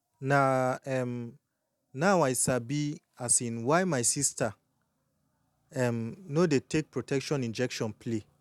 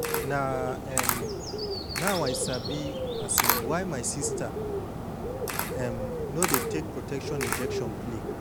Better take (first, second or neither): first